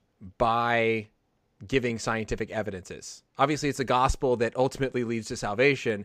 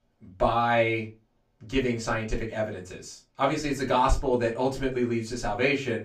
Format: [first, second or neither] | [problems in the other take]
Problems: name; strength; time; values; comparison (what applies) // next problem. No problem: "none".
first | off-mic speech; far // room echo; very slight; dies away in 0.2 s